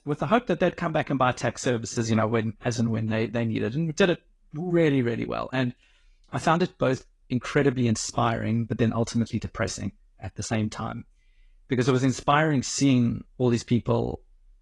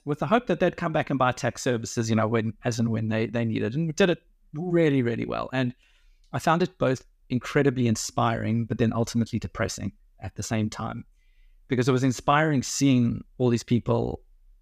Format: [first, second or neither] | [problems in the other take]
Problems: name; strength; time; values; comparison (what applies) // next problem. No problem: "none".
second | garbled, watery; slightly